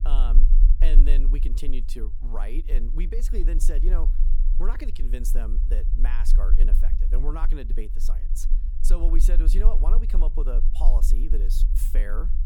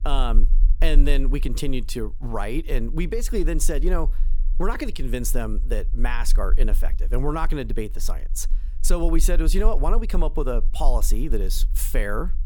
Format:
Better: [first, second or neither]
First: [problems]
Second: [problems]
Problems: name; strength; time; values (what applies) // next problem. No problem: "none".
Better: second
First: low rumble; loud; throughout; 10 dB below the speech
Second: low rumble; faint; throughout; 25 dB below the speech